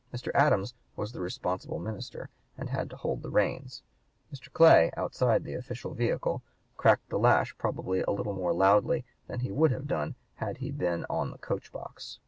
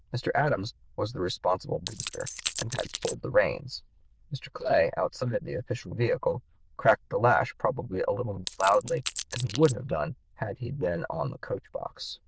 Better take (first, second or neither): first